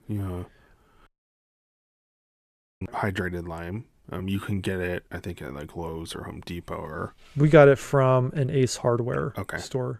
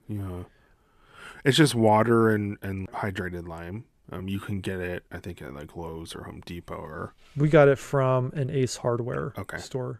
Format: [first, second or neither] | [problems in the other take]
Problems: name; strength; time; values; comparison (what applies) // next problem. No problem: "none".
second | audio cutting out; at 1 s for 1.5 s